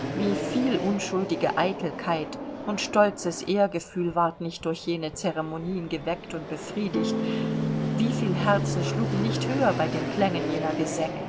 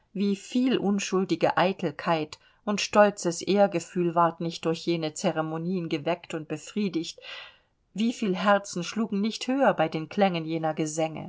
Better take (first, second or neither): second